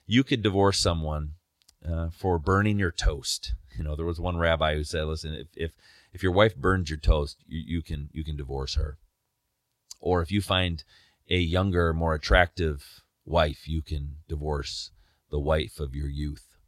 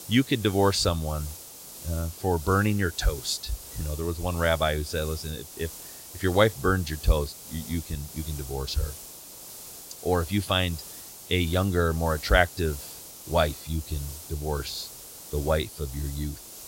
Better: first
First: none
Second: hiss; noticeable; throughout; 15 dB below the speech

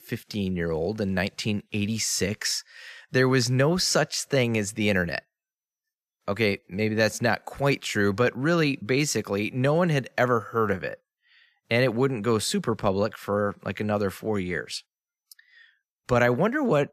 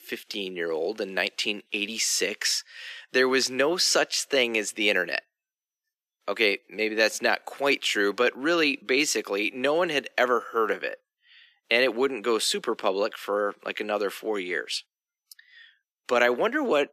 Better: first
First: none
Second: thin; somewhat; fading below 300 Hz

